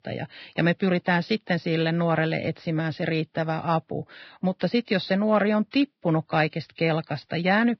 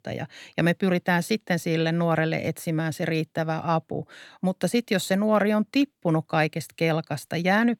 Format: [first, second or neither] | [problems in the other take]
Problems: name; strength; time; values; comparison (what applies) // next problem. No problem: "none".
second | garbled, watery; badly